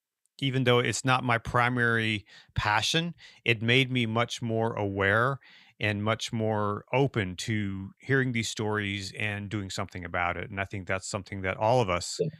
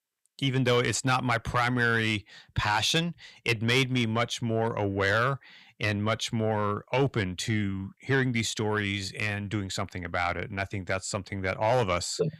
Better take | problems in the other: first | distortion; slight; 10 dB below the speech

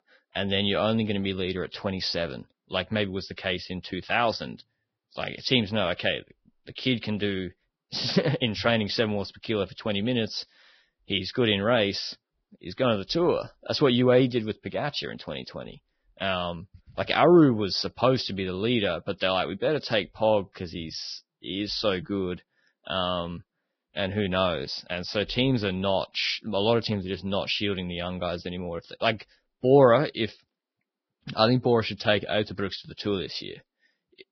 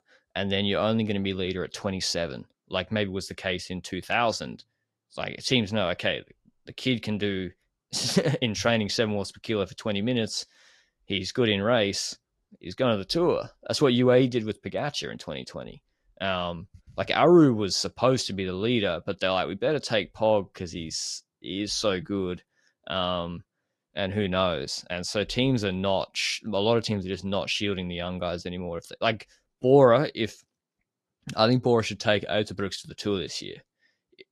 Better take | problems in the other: second | garbled, watery; badly; nothing above 5.5 kHz; slightly in the second

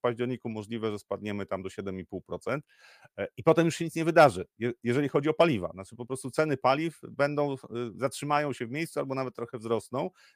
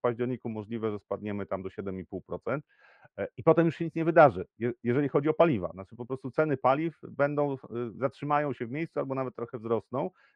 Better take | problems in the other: first | muffled; very; fading above 2 kHz

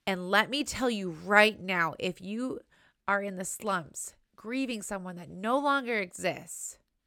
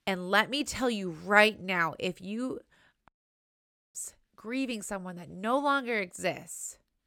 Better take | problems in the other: first | audio cutting out; at 3 s for 1 s

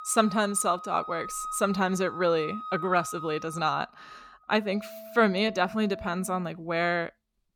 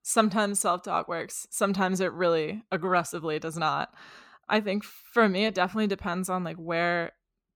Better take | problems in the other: second | background music; noticeable; throughout; 10 dB below the speech

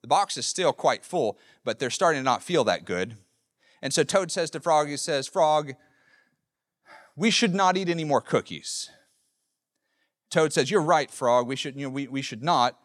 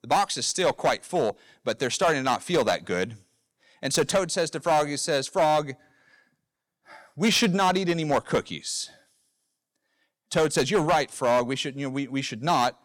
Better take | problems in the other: first | distortion; slight; 5% of the sound clipped

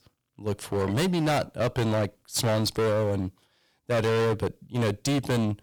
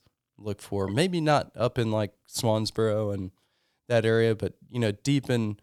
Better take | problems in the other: second | distortion; heavy; 20% of the sound clipped

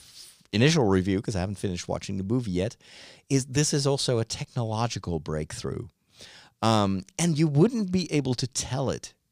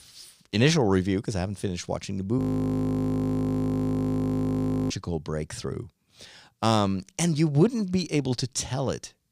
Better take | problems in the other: first | audio freezing; at 2.5 s for 2.5 s

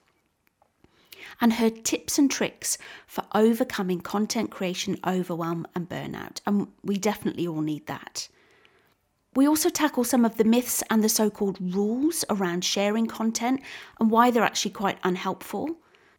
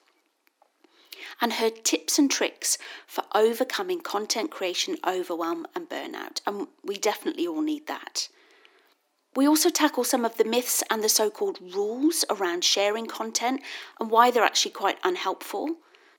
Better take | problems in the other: first | thin; somewhat; fading below 300 Hz

